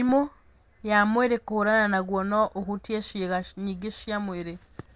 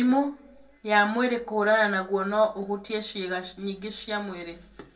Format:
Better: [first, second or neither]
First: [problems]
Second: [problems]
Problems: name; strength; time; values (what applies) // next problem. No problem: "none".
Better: first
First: none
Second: room echo; dies away in 0.2 s